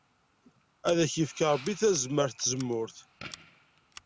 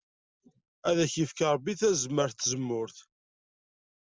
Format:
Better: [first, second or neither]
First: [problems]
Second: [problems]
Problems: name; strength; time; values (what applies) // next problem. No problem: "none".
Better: second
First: background sound (Fireworks + Scissors); 20 dB below the speech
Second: none